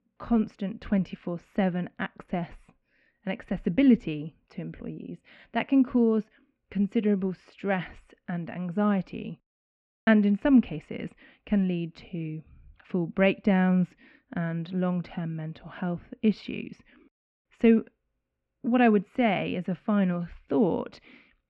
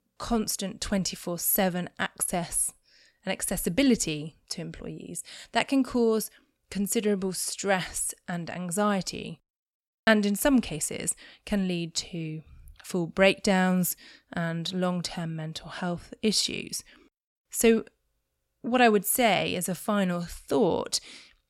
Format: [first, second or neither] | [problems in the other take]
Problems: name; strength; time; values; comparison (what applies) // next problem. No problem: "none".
second | muffled; very; fading above 2.5 kHz